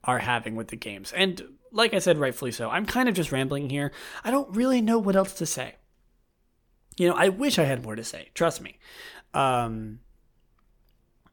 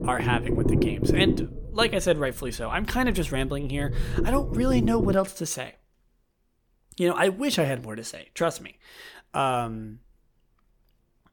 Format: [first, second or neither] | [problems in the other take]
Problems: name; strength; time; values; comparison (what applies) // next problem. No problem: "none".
first | low rumble; loud; until 5 s; 5 dB below the speech